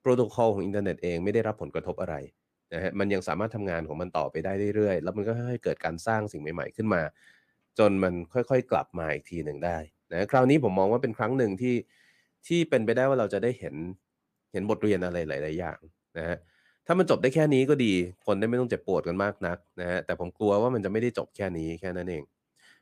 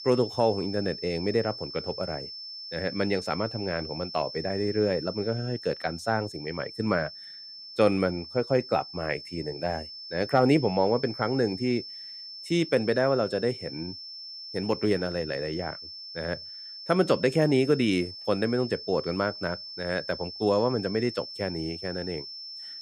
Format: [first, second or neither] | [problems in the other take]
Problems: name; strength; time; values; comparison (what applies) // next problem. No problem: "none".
first | high-pitched whine; noticeable; throughout; 5.5 kHz, 10 dB below the speech